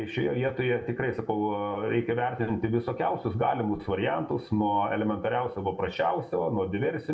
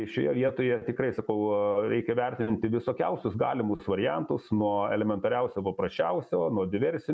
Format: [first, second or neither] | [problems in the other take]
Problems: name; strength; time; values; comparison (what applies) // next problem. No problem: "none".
second | room echo; dies away in 0.5 s